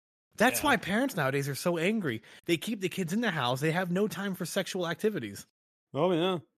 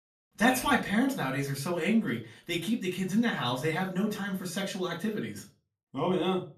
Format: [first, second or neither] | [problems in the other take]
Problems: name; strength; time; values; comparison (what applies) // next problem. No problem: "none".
first | off-mic speech; far // room echo; very slight; dies away in 0.3 s